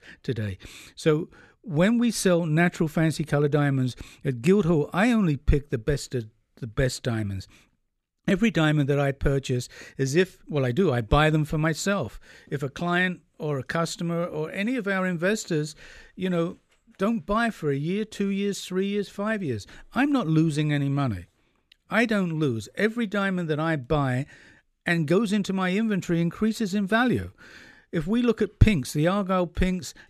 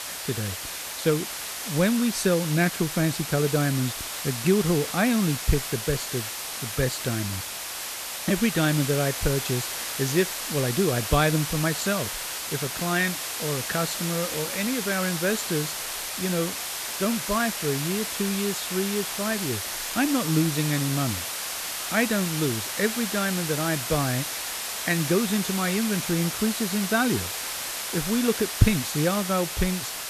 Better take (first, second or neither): first